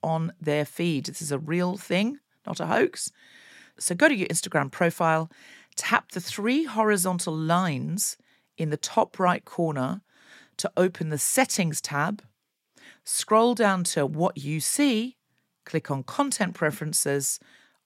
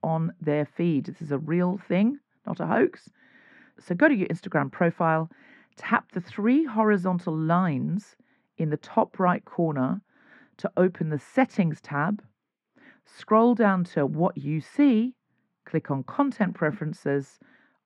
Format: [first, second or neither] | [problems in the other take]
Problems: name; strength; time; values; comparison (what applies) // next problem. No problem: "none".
first | muffled; very; fading above 1.5 kHz